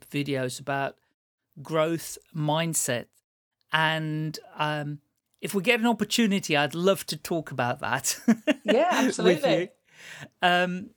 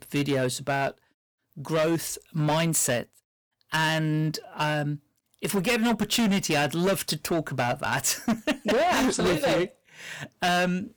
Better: first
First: none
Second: distortion; heavy; 14% of the sound clipped

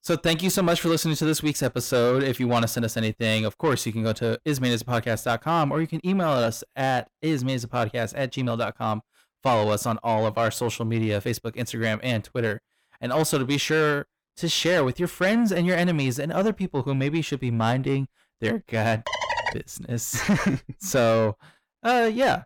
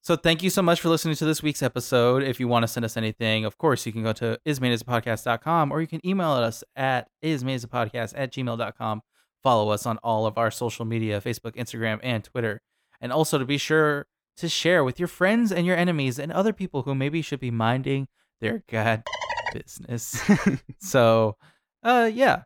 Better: second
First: distortion; slight; 10 dB below the speech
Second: none

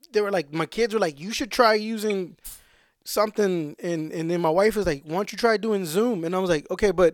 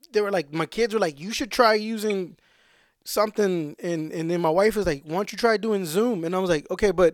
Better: second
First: jangling keys; faint; at 2.5 s; peak 15 dB below the speech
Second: none

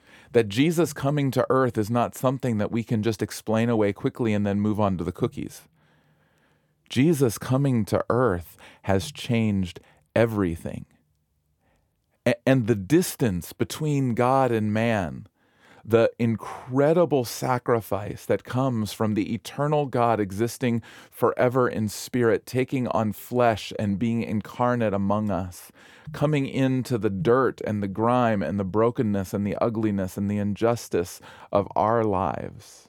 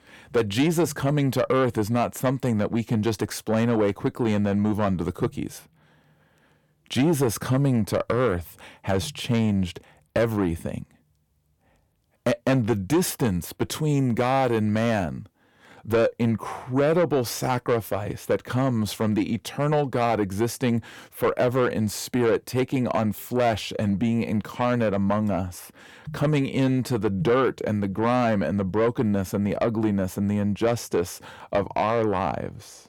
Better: first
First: none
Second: distortion; slight; 10 dB below the speech

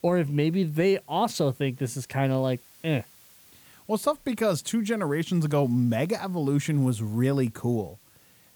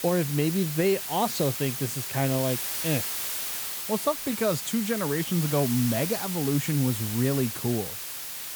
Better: first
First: hiss; faint; throughout; 25 dB below the speech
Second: hiss; loud; throughout; 3 dB below the speech

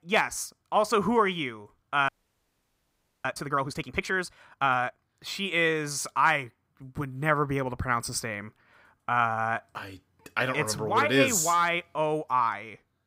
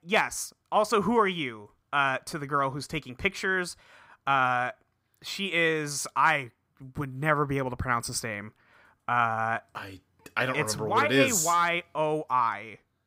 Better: second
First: audio freezing; at 2 s for 1 s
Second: none

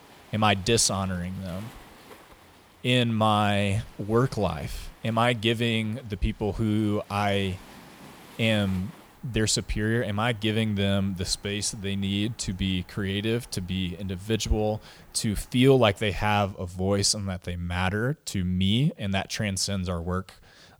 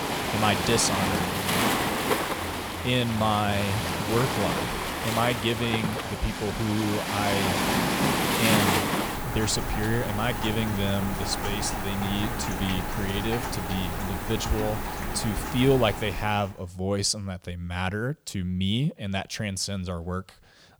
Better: first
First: rain or running water; faint; until 16 s; 25 dB below the speech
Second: rain or running water; loud; until 16 s; as loud as the speech

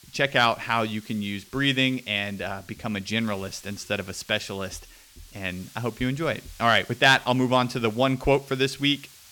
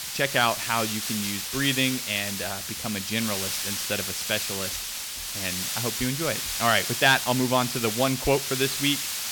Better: first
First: hiss; faint; throughout; 25 dB below the speech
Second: hiss; loud; throughout; 2 dB below the speech

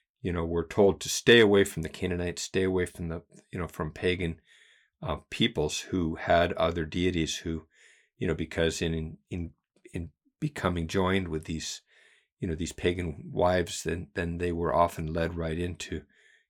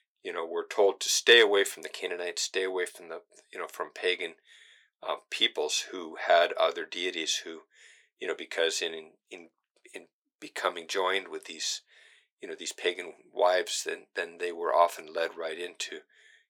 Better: first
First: none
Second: thin; very; fading below 450 Hz

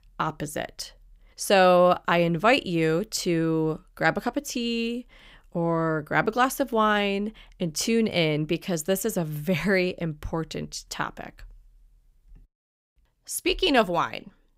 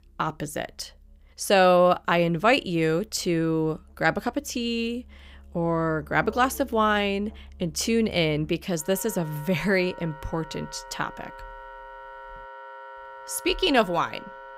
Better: first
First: none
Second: background music; noticeable; throughout; 20 dB below the speech

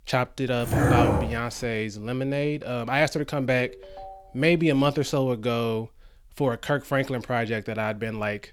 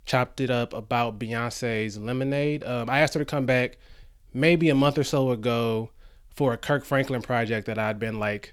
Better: second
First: dog barking; loud; at 0.5 s; peak 6 dB above the speech // phone ringing; faint; at 3.5 s; peak 15 dB below the speech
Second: none

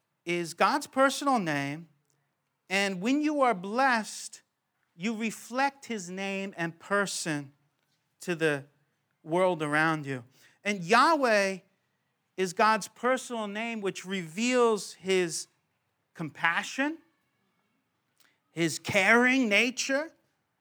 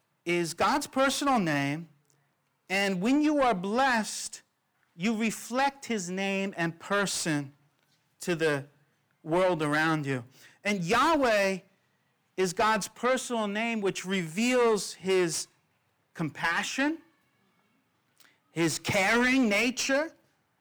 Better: first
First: none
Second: distortion; heavy; 7 dB below the speech

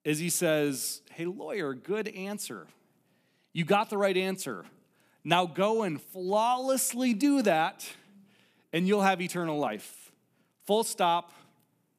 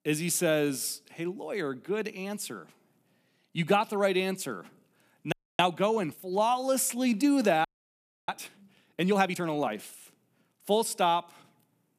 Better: first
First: none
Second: audio freezing; at 5.5 s and at 7.5 s for 0.5 s

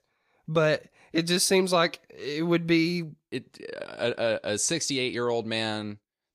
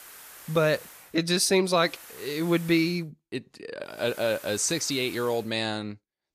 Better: first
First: none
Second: hiss; noticeable; until 1 s, from 2 to 3 s and from 4 to 5.5 s; 20 dB below the speech

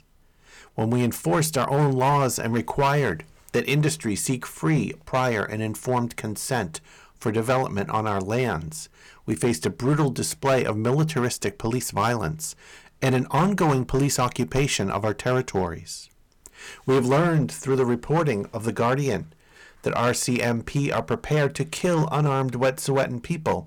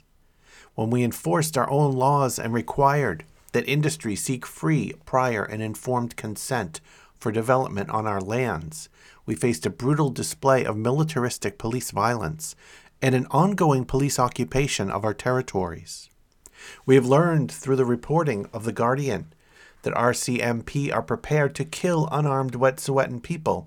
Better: second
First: distortion; slight; 6% of the sound clipped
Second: none

